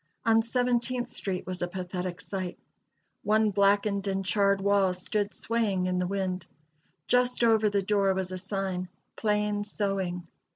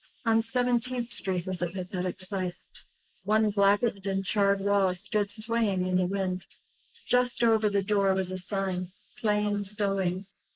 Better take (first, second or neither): first